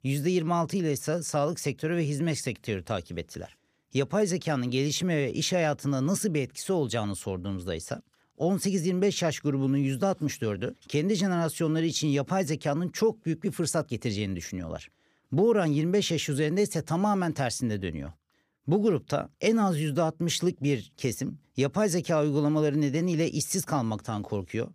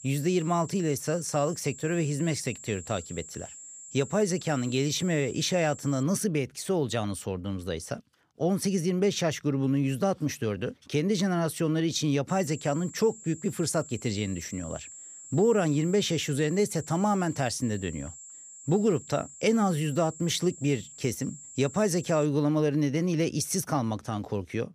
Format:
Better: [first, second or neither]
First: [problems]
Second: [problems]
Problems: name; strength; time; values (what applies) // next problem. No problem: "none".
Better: first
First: none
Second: high-pitched whine; noticeable; until 6 s and from 12 to 22 s; 7.5 kHz, 15 dB below the speech